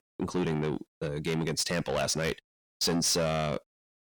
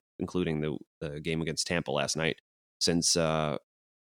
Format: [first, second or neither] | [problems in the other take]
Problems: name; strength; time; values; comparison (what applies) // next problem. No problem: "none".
second | distortion; heavy; 6 dB below the speech